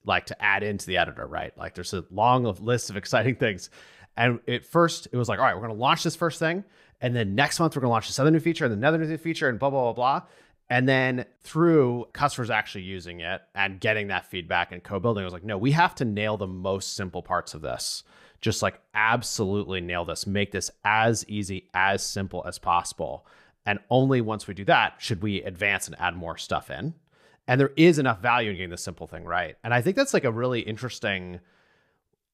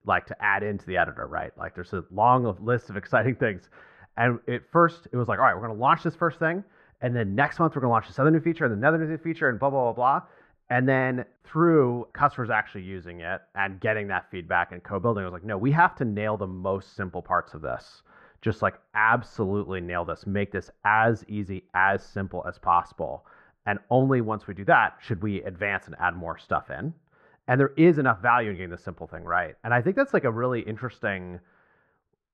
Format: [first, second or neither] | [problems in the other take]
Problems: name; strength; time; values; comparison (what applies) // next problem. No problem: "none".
first | muffled; very; fading above 4 kHz